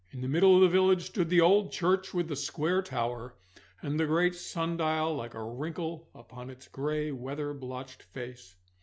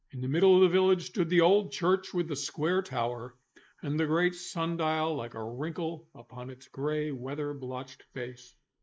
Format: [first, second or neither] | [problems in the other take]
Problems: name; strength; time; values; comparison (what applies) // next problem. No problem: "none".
first | noise reduction (neural mask model Resemble Enhance denoiser)